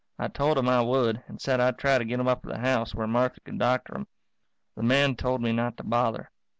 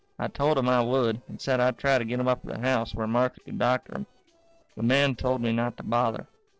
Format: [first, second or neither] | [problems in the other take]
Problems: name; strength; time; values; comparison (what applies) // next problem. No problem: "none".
first | noise reduction (neural separator model SepFormer DNS4)